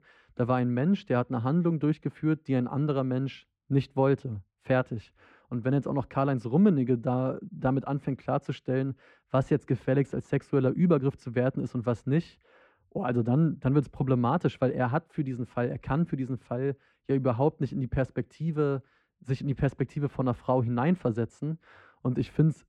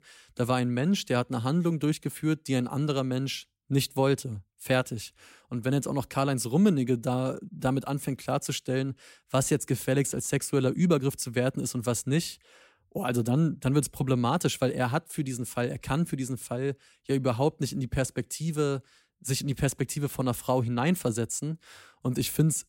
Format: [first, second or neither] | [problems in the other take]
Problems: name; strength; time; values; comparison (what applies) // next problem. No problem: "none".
second | muffled; very; fading above 1.5 kHz